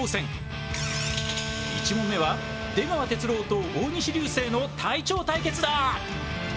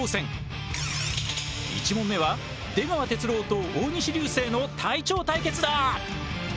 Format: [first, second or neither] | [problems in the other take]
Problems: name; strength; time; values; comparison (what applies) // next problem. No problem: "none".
second | background sound (Bowed string instrument); 12 dB below the speech // room echo; dies away in 1.2 s